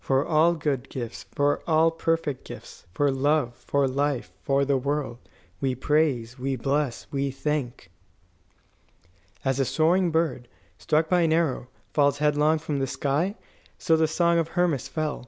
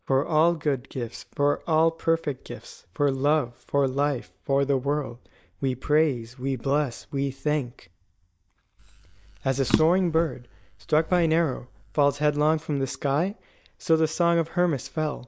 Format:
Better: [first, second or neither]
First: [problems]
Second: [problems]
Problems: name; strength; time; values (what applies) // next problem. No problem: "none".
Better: first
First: none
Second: noise reduction (neural mask model DeepFilterNet 3)